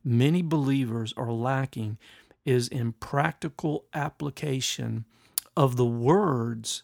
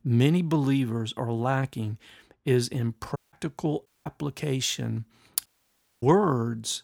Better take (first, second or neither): first